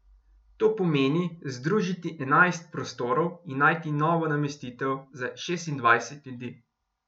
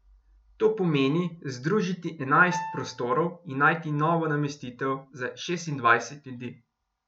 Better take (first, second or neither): first